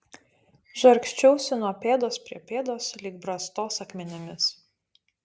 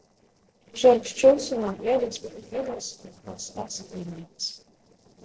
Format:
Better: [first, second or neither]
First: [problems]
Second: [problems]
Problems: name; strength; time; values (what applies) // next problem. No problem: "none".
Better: first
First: none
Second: noise reduction (neural separator model SepFormer DNS4)